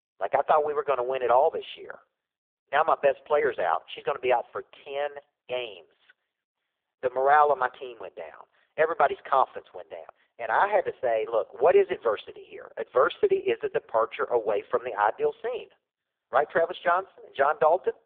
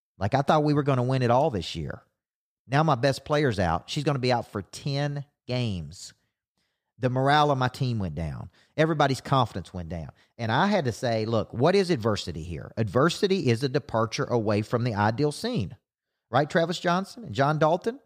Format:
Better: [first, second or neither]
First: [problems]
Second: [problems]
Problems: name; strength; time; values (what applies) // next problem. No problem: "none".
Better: second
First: phone-call audio; poor line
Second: none